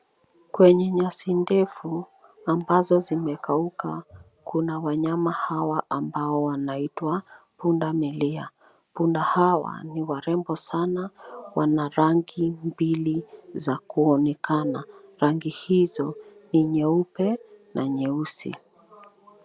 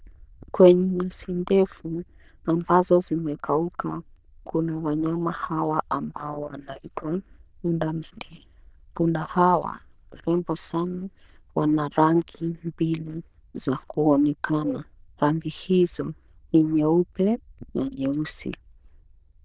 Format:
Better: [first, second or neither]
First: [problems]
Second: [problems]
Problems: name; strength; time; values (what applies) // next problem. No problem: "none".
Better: first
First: none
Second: noise reduction (neural diffusion model UNIVERSE++)